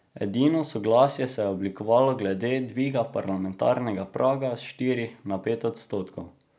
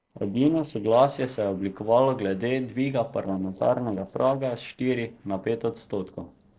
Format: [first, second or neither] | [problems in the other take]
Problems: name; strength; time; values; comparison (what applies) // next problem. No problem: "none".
first | noise reduction (neural separator model SepFormer DNS4)